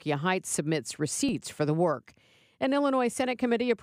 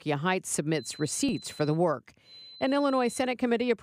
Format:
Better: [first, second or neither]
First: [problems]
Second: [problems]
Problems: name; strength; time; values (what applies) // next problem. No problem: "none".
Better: first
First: none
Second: high-pitched whine; noticeable; at 1 s and at 2.5 s; 4 kHz, 20 dB below the speech